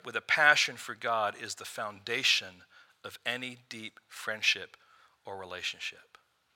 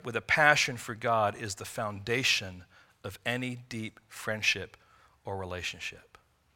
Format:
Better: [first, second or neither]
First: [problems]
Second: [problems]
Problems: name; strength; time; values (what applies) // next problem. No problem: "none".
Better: second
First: thin; somewhat; fading below 850 Hz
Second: none